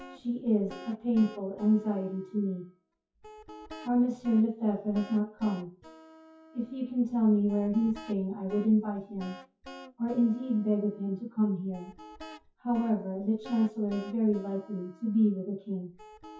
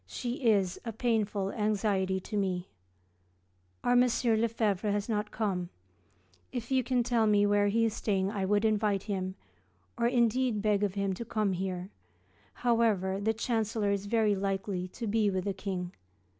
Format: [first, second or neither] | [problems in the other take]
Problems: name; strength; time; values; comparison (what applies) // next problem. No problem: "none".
second | noise reduction (classical method WPE with log-MMSE)